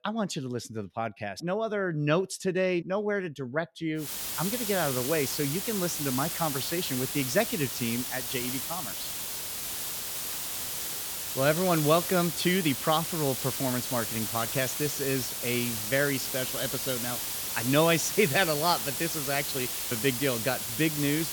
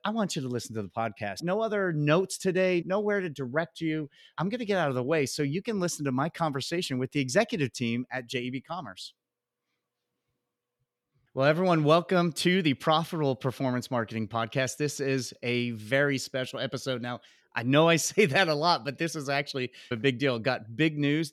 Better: second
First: hiss; loud; from 4 s on; 2 dB below the speech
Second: none

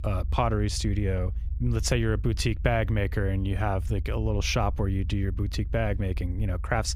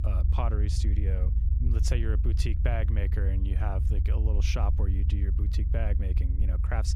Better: first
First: low rumble; faint; throughout; 20 dB below the speech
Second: low rumble; loud; throughout; 6 dB below the speech

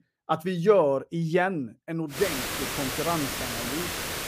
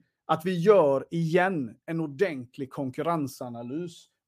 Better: second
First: hiss; loud; from 2 s on; 3 dB below the speech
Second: none

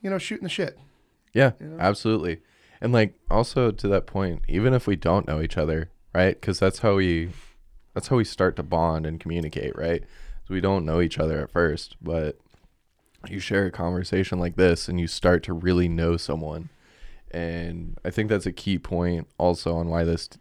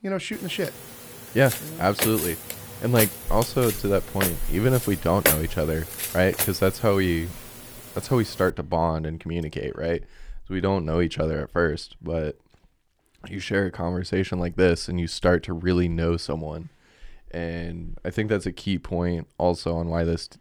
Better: first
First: none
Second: footsteps; loud; from 1.5 to 6.5 s; peak 4 dB above the speech

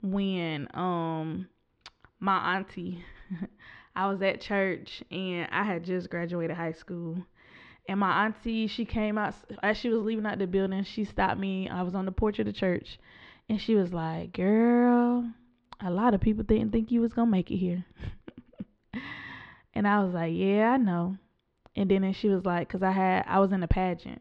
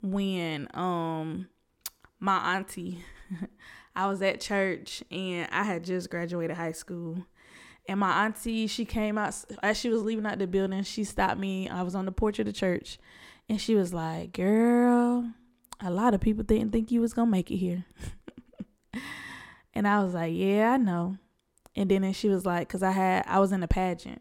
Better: second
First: muffled; slightly; fading above 4 kHz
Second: none

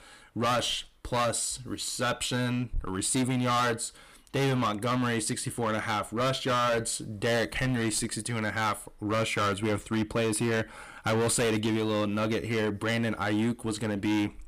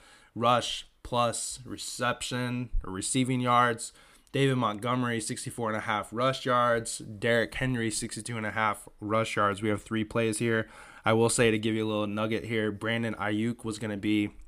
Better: second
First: distortion; heavy; 16% of the sound clipped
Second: none

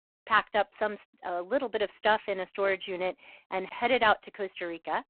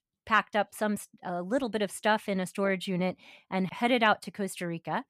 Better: second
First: phone-call audio; poor line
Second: none

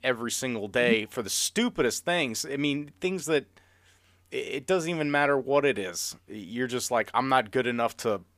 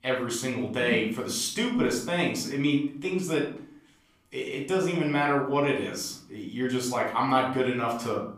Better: first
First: none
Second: off-mic speech; far // room echo; noticeable; dies away in 0.5 s

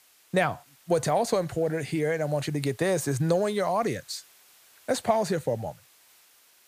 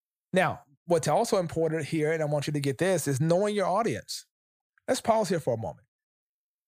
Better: second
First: hiss; faint; throughout; 25 dB below the speech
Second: none

